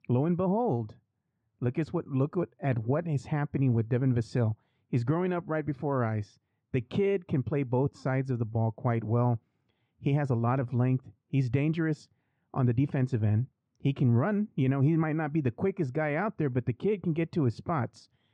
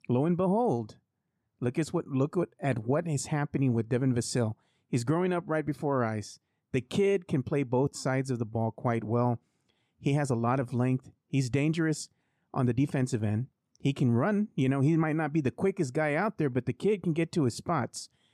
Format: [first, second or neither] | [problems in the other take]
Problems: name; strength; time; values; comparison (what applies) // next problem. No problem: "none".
second | muffled; slightly; fading above 3 kHz